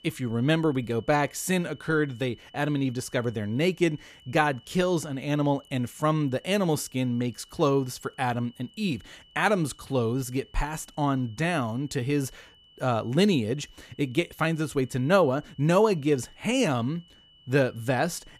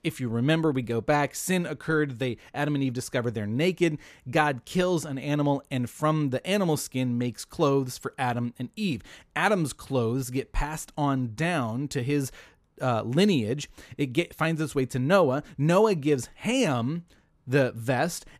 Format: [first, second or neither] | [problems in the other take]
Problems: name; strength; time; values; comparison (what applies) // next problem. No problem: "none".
second | high-pitched whine; faint; throughout; 3 kHz, 25 dB below the speech